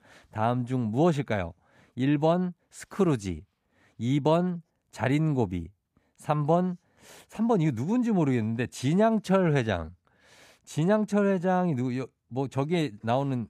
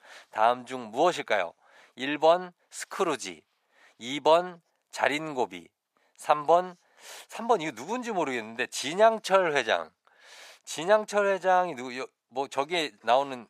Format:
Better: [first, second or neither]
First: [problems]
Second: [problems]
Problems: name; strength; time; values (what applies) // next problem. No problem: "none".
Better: first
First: none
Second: thin; very; fading below 650 Hz